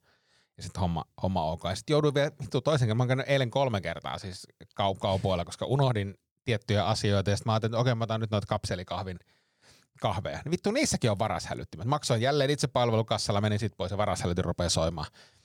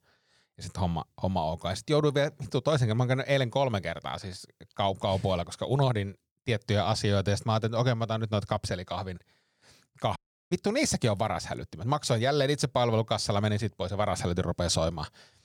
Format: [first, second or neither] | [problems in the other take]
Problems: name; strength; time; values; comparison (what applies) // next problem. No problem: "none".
first | audio cutting out; at 10 s